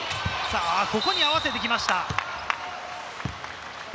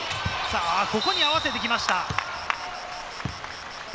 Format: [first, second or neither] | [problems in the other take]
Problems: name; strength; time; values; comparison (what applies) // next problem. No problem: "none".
first | background sound (Insect); 18 dB below the speech